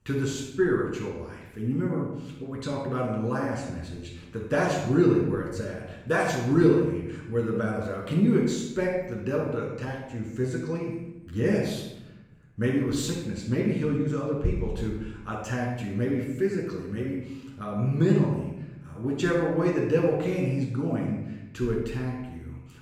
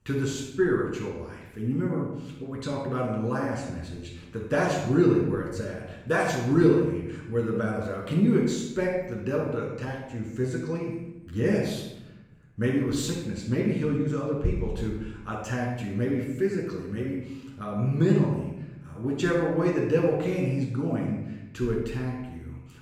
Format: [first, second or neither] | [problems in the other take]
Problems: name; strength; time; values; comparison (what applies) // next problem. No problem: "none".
neither | off-mic speech; far; the same in both // room echo; noticeable; dies away in 0.9 s; the same in both